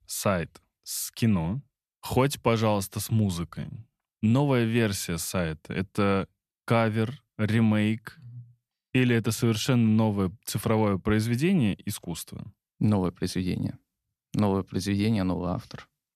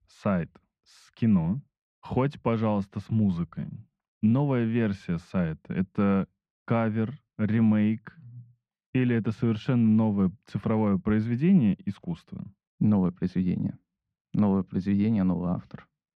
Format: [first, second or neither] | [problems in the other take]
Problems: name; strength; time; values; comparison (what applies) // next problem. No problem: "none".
first | muffled; very; fading above 2 kHz